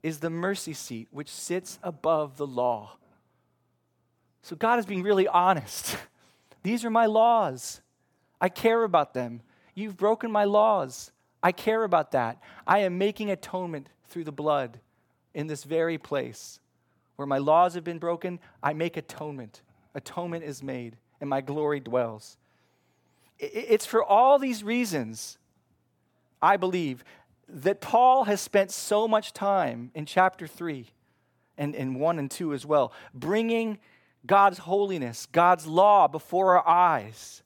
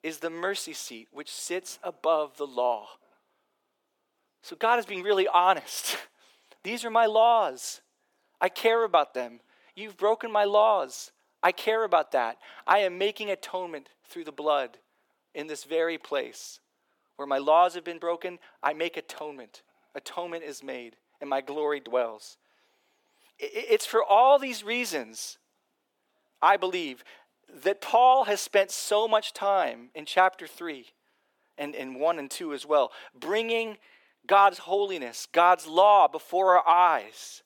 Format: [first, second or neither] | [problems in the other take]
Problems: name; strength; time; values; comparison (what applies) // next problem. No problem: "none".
first | thin; somewhat; fading below 350 Hz